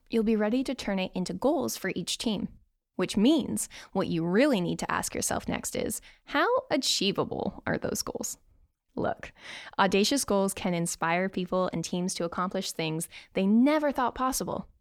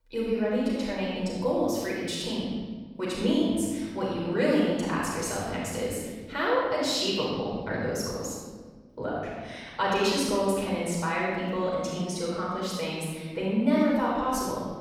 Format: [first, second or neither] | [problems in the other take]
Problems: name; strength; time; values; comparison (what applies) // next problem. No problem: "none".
first | off-mic speech; far // room echo; strong; dies away in 1.4 s